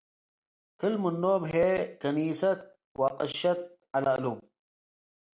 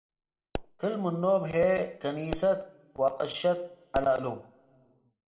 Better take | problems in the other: first | background sound (Explosion); 14 dB below the speech // room echo; dies away in 0.9 s

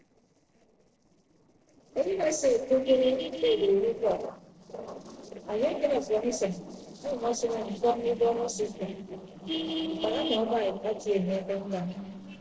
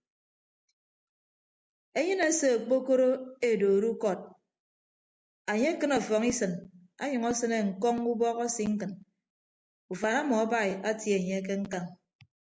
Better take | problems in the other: second | noise reduction (neural separator model SepFormer DNS4)

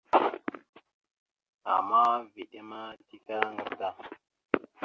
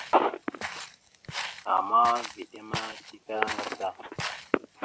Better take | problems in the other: first | background sound (Walk, footsteps); 10 dB below the speech

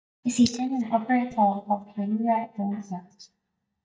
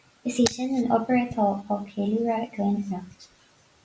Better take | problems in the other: second | noise reduction (neural mask model DeepFilterNet 3)

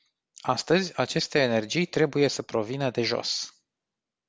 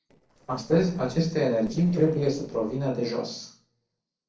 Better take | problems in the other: first | noise reduction (neural separator model SepFormer DNS4)

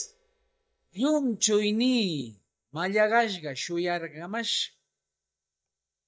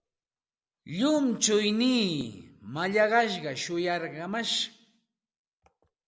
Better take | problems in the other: second | noise reduction (neural mask model DeepFilterNet 3)

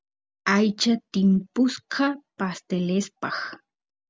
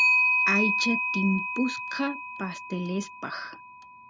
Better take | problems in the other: first | background sound (Clock); 3 dB above the speech

